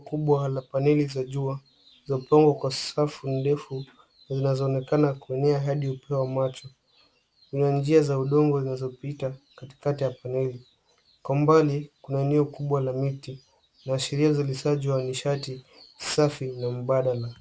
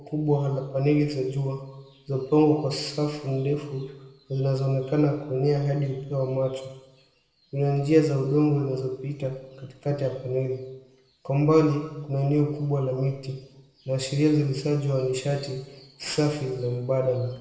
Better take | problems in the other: first | room echo; dies away in 0.9 s

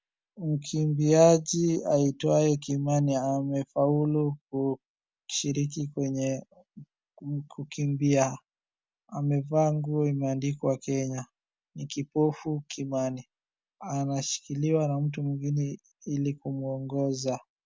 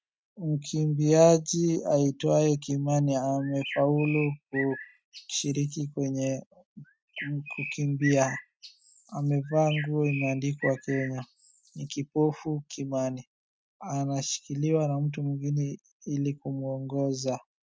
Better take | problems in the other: first | noise reduction (neural mask model RNNoise)

